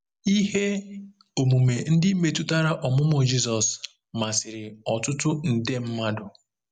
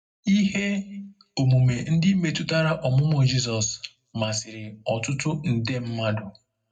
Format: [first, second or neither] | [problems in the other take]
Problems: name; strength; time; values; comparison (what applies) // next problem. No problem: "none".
first | room echo; dies away in 0.3 s